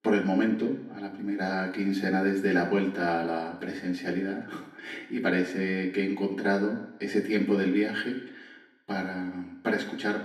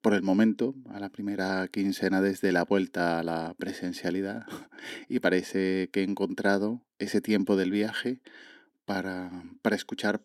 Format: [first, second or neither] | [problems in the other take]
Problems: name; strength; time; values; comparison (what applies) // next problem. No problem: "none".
second | room echo; slight; dies away in 0.9 s // off-mic speech; far